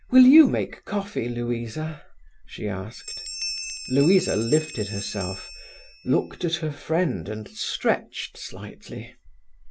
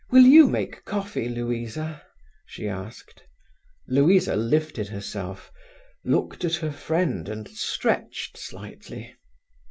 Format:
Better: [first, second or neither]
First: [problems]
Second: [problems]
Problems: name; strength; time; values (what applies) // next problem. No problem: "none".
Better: second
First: background sound (Bell); 15 dB below the speech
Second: none